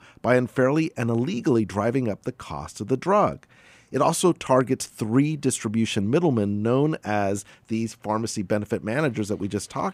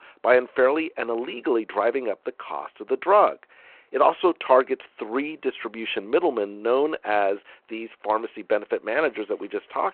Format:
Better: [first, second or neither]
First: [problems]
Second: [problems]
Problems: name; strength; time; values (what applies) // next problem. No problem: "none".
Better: first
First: none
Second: phone-call audio